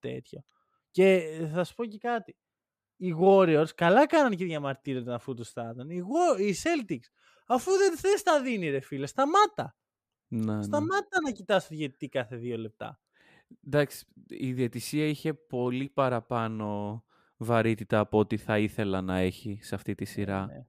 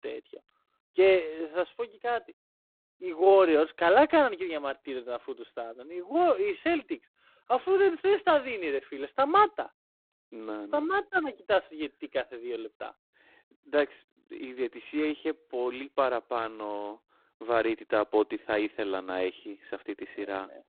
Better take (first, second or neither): first